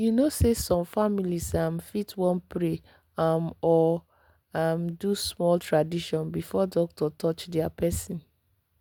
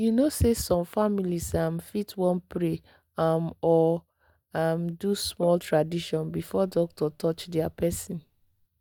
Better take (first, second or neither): first